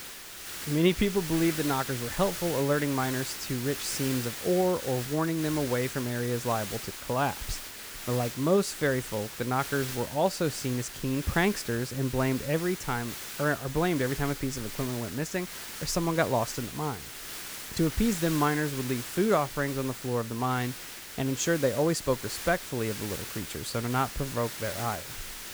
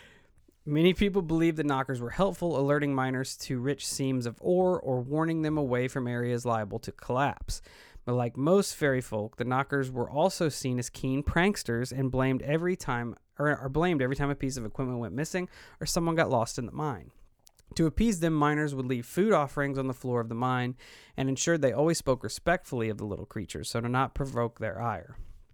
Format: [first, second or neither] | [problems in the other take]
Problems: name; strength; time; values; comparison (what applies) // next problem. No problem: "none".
second | hiss; loud; throughout; 8 dB below the speech